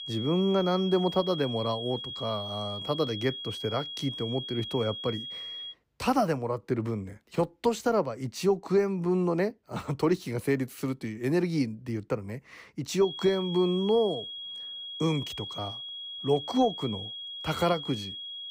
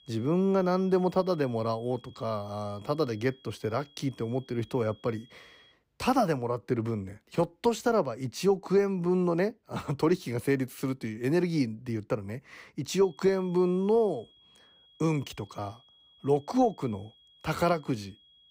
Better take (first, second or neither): second